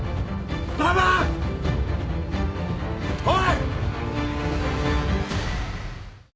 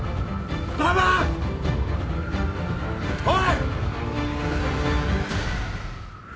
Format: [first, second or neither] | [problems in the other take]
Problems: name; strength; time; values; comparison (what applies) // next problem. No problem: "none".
first | background sound (Wind); 14 dB below the speech